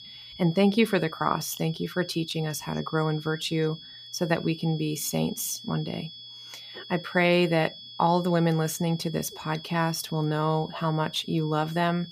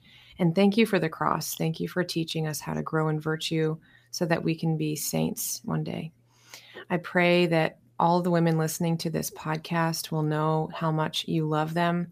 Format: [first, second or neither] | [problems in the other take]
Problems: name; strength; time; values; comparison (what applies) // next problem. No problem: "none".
second | high-pitched whine; noticeable; throughout; 3.5 kHz, 15 dB below the speech